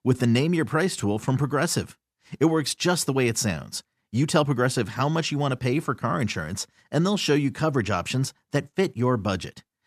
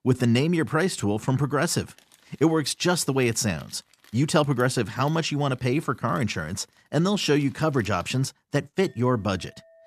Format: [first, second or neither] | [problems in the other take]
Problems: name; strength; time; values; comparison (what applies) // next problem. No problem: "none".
first | household noises; faint; throughout; 30 dB below the speech